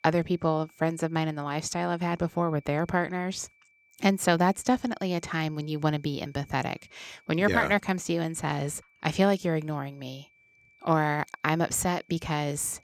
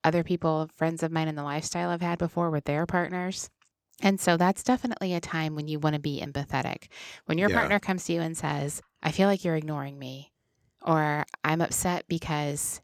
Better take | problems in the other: second | high-pitched whine; faint; throughout; 2.5 kHz, 30 dB below the speech

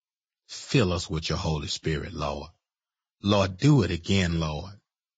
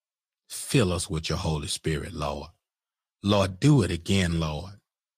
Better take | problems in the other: second | garbled, watery; badly; nothing above 7.5 kHz; slightly in the second

